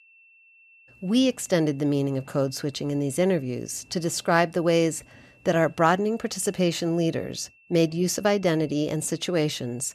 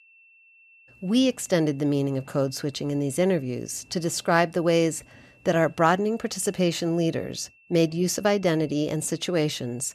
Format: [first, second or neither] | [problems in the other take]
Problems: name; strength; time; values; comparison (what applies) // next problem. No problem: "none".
neither | high-pitched whine; faint; throughout; 2.5 kHz, 30 dB below the speech; the same in both